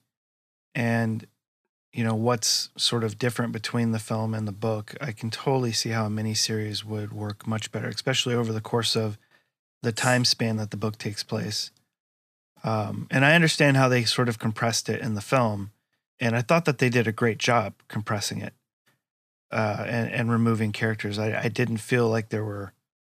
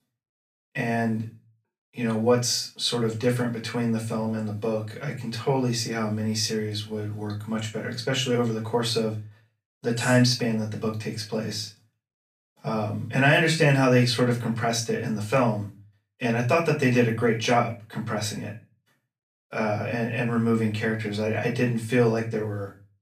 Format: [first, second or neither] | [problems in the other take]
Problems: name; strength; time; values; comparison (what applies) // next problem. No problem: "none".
first | off-mic speech; far // room echo; very slight; dies away in 0.3 s